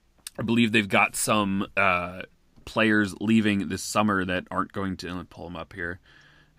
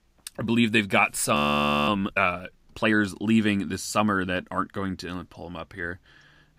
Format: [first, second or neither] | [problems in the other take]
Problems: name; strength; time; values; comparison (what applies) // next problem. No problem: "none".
first | audio freezing; at 1.5 s for 0.5 s